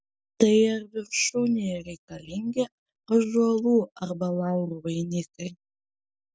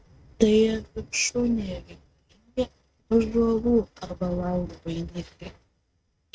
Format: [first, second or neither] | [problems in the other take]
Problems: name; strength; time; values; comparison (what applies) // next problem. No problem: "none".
first | noise reduction (neural mask model RNNoise)